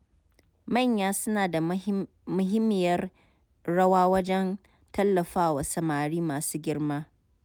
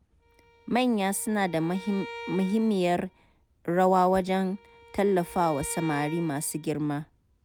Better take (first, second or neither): first